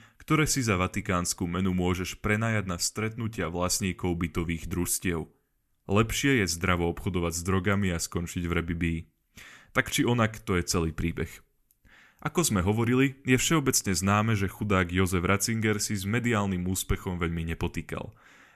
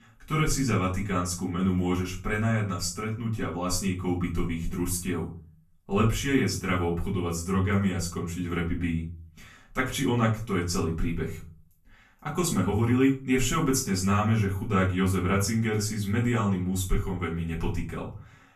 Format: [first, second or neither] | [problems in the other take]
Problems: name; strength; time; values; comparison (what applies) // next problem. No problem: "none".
first | room echo; slight; dies away in 0.4 s // off-mic speech; far